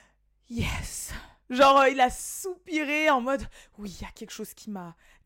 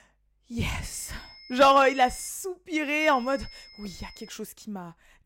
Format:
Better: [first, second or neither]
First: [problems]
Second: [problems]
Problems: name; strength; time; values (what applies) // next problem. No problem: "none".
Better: first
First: none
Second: high-pitched whine; faint; from 1 to 2.5 s and from 3 to 4.5 s; 5 kHz, 20 dB below the speech